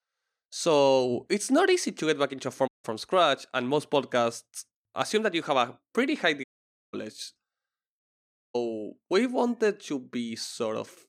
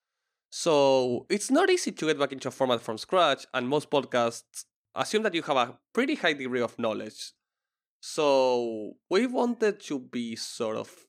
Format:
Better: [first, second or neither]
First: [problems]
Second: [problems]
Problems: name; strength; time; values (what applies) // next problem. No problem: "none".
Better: second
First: audio cutting out; at 2.5 s, at 6.5 s and at 8 s for 0.5 s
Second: none